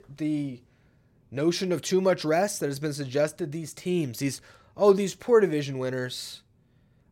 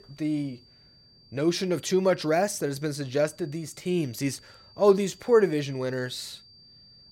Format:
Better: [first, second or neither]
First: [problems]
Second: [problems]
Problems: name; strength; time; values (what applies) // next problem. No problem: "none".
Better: first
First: none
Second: high-pitched whine; faint; throughout; 4.5 kHz, 25 dB below the speech